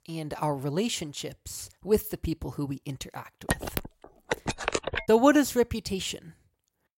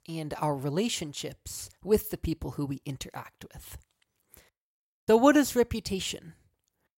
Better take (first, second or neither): second